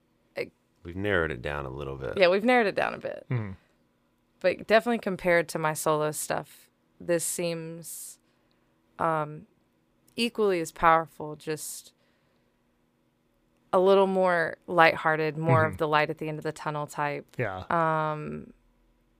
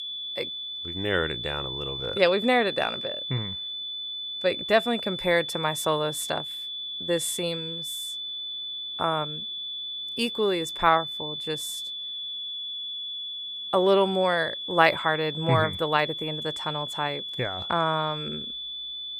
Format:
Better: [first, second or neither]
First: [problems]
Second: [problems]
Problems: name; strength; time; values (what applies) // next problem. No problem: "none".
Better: first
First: none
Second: high-pitched whine; loud; throughout; 3.5 kHz, 5 dB below the speech